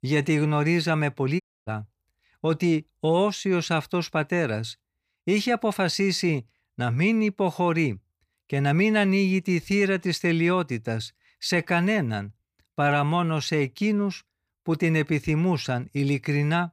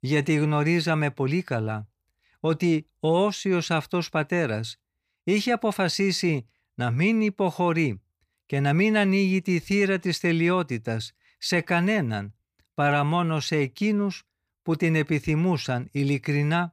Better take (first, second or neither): second